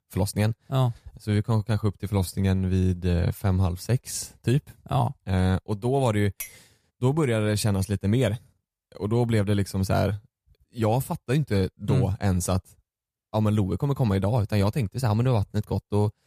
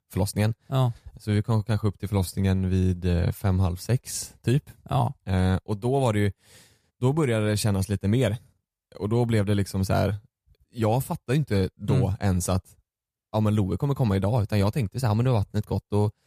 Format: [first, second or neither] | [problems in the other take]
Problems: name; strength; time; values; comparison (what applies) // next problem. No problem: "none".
second | clattering dishes; faint; at 6.5 s; peak 10 dB below the speech